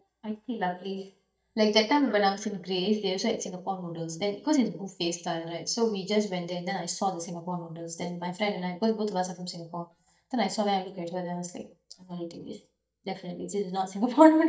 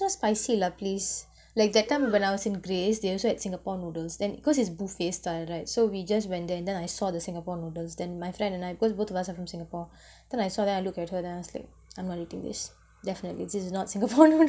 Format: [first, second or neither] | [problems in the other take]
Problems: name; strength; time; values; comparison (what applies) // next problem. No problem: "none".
second | noise reduction (neural mask model DeepFilterNet 3)